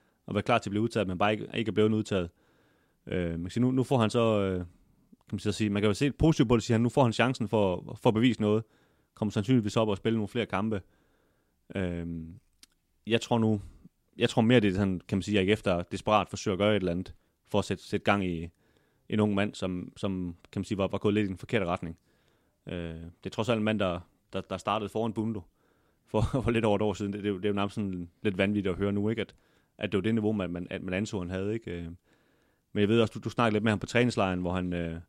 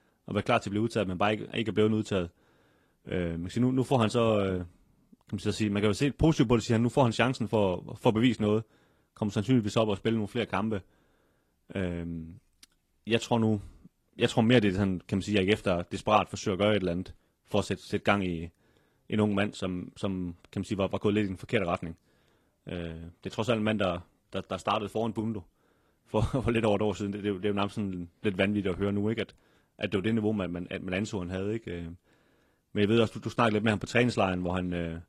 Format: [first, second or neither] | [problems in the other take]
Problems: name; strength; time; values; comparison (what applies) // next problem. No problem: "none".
first | garbled, watery; slightly